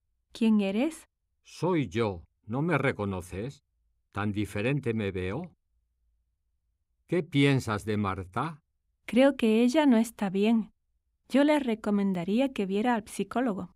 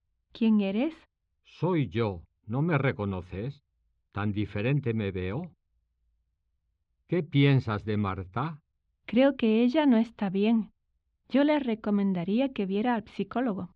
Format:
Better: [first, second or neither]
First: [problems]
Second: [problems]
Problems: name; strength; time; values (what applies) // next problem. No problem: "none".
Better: first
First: none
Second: muffled; very slightly; fading above 4 kHz